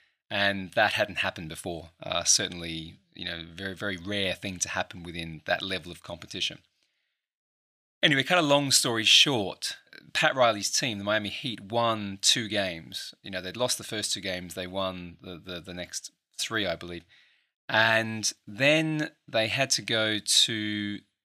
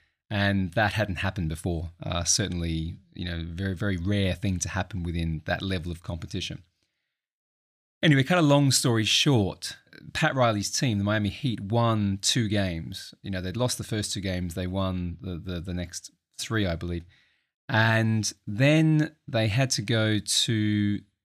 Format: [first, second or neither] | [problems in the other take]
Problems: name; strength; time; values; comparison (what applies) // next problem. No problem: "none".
second | thin; somewhat; fading below 600 Hz